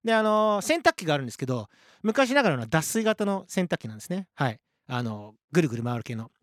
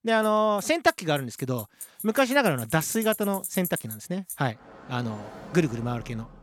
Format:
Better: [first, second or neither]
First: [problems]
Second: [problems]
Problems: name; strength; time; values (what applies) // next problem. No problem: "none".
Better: first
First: none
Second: traffic noise; noticeable; throughout; 15 dB below the speech